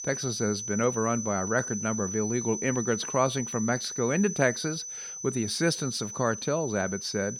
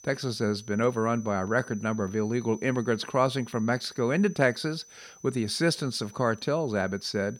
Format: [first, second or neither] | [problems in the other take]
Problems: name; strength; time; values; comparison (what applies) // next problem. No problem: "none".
second | high-pitched whine; loud; throughout; 6 kHz, 6 dB below the speech; faint in the second